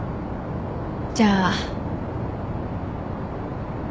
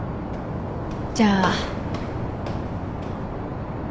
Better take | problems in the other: first | background sound (Walk, footsteps); 12 dB below the speech

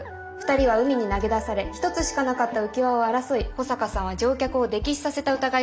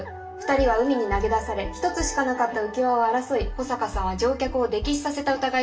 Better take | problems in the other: first | room echo; dies away in 0.2 s

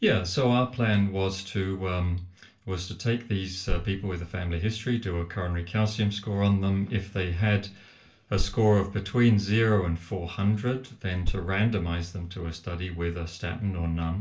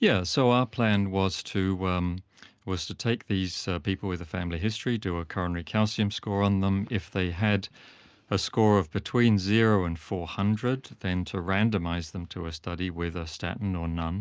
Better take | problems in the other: second | background sound (Thump, thud); 5 dB below the speech // room echo; dies away in 0.3 s

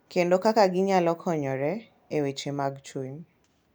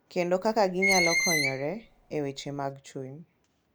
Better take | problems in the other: first | background sound (Screech); as loud as the speech

